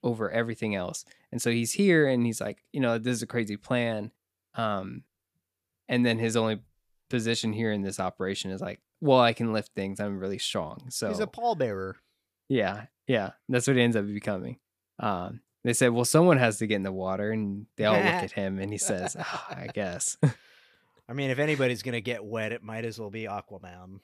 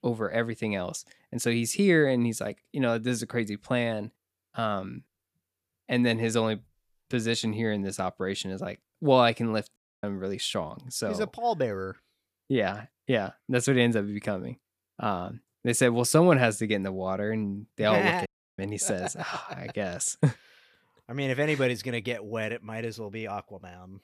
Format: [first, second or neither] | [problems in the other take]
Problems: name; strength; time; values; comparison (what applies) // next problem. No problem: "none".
first | audio cutting out; at 10 s and at 18 s